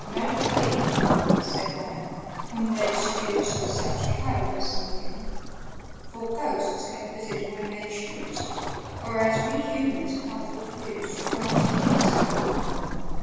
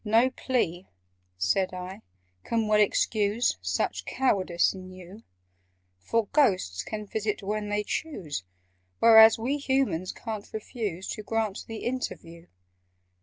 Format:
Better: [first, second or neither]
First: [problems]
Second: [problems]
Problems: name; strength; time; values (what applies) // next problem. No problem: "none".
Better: second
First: background sound (Waves, surf); 4 dB above the speech // room echo; dies away in 2.1 s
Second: none